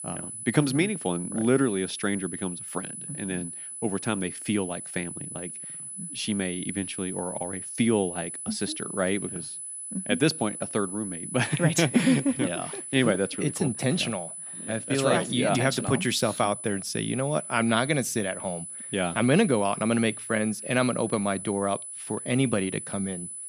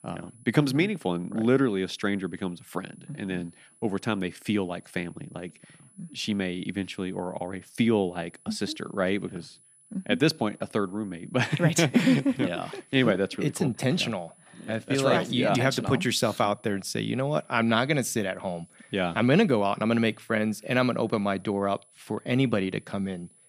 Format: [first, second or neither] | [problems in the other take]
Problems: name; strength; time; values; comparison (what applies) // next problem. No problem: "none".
second | high-pitched whine; loud; throughout; 10 kHz, 8 dB below the speech; faint in the second